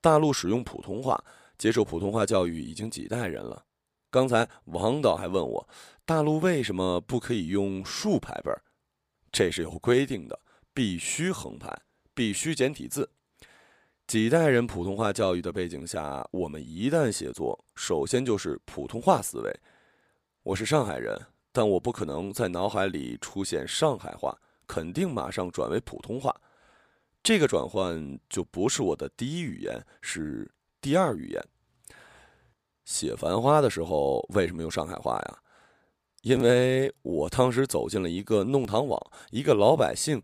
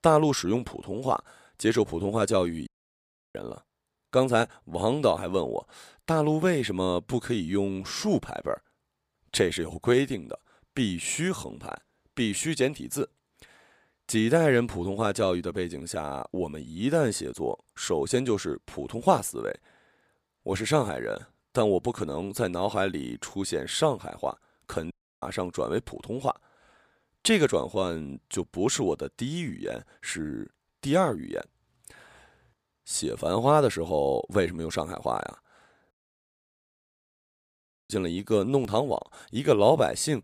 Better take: first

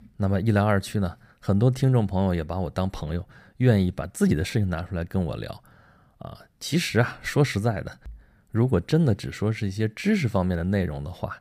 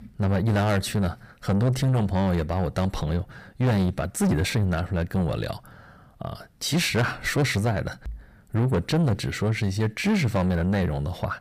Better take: first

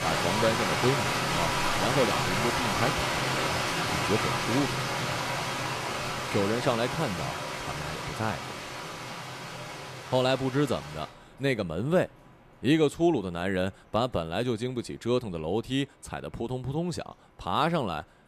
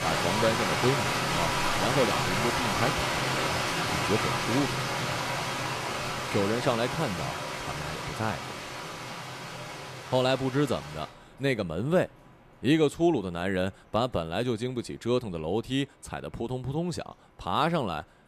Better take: neither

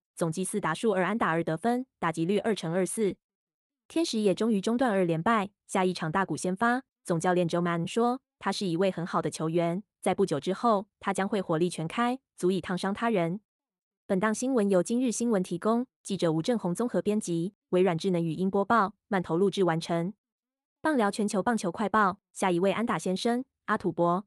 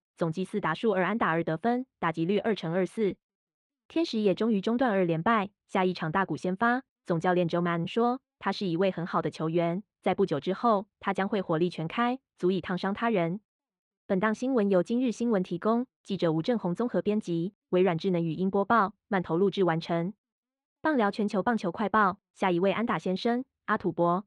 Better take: first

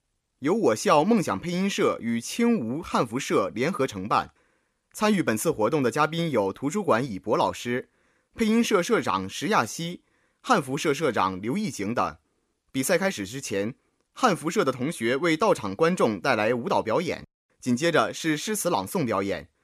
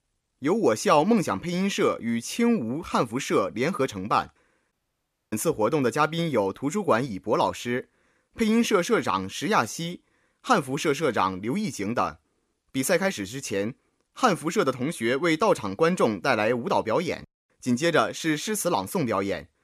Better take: first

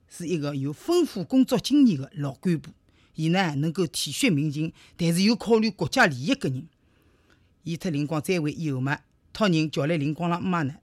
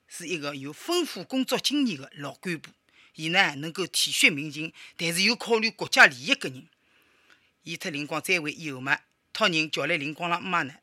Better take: first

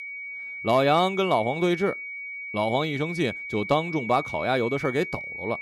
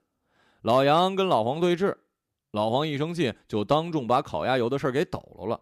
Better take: second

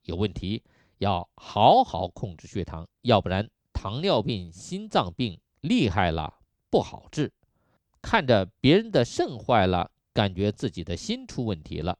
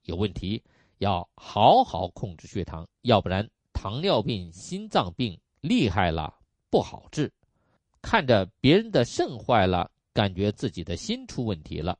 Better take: first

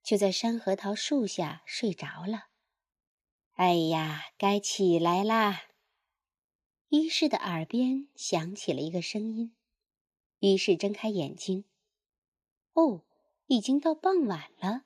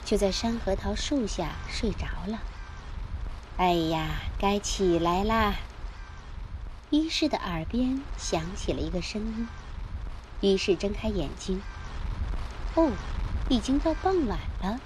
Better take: first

